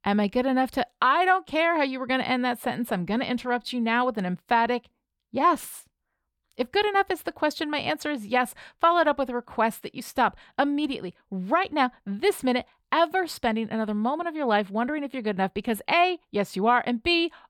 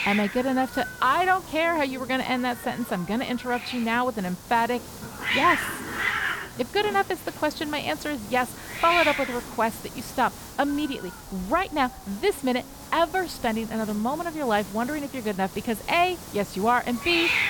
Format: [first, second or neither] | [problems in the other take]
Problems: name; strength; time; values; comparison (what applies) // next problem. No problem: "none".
first | hiss; loud; throughout; 7 dB below the speech